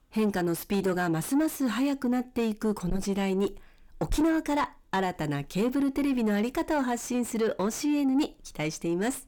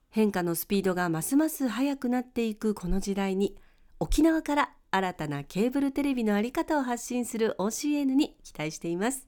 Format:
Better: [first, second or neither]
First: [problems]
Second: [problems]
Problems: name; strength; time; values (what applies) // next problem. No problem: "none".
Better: second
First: distortion; slight; 10 dB below the speech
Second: none